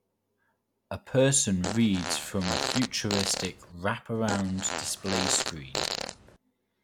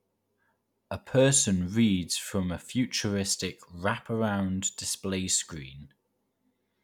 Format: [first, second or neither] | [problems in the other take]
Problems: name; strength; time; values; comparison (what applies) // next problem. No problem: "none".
second | background sound (Fart); 4 dB below the speech